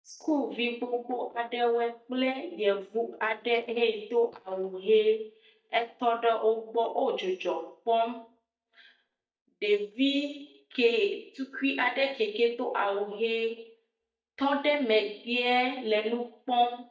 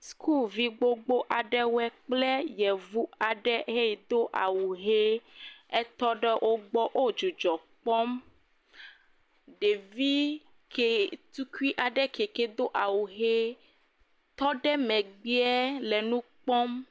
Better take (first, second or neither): second